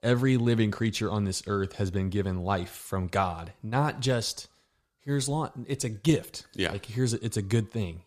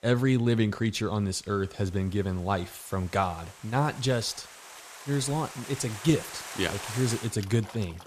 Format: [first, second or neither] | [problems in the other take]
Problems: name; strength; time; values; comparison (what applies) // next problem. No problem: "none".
first | rain or running water; noticeable; throughout; 15 dB below the speech